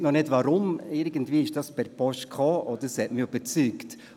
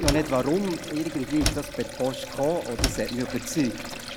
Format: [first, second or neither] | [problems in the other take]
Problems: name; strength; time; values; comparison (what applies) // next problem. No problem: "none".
first | background sound (Slam + Sink (filling or washing)); 5 dB below the speech